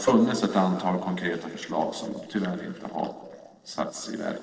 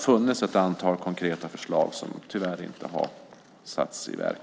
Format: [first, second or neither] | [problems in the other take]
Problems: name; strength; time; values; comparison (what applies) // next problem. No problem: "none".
second | noise reduction (neural separator model SepFormer DNS4)